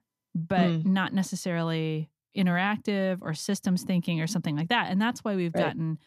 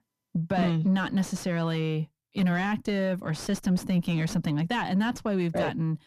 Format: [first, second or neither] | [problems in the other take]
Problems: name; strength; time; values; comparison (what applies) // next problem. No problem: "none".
first | distortion; slight; 10 dB below the speech